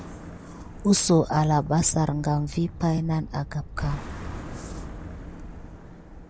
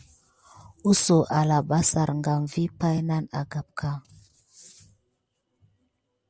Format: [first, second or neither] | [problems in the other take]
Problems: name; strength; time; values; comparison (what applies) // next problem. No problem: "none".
second | background sound (Car passing by + Wind); 11 dB below the speech